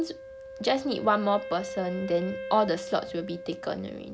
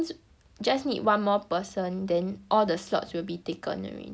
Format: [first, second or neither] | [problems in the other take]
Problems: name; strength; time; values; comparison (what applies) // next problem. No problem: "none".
second | background sound (Wind instrument, woodwind instrument); 10 dB below the speech